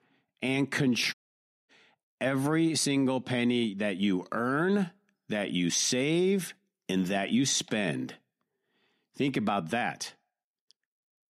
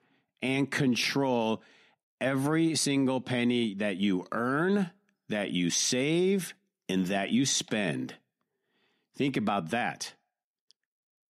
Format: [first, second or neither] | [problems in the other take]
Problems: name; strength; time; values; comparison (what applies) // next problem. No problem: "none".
second | audio cutting out; at 1 s for 0.5 s